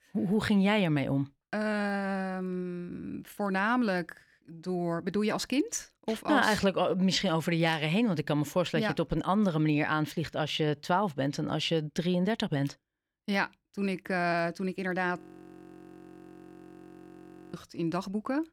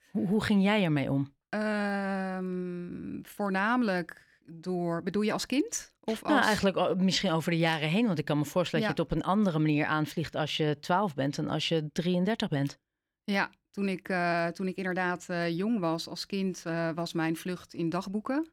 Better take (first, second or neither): second